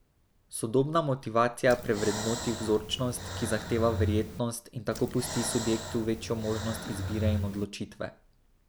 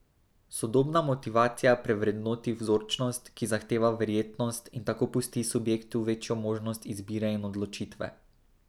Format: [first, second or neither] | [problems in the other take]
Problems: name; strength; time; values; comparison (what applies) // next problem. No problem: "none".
second | background sound (Breathing); 5 dB below the speech